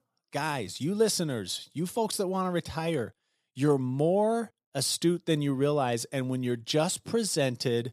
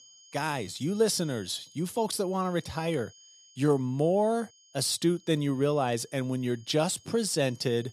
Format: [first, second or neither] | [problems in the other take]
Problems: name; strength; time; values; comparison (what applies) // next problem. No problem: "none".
first | high-pitched whine; faint; throughout; 6.5 kHz, 25 dB below the speech